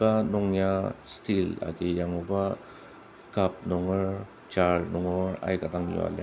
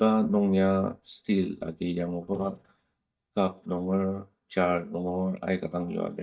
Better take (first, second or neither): first